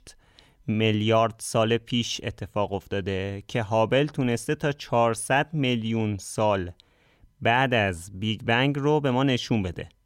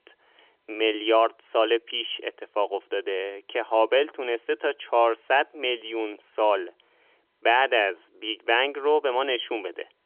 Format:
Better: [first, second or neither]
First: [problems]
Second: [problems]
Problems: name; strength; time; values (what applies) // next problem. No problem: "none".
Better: first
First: none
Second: phone-call audio; nothing above 3.5 kHz